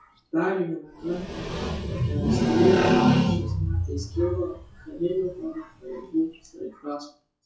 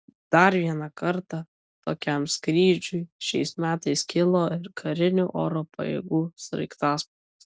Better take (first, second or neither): second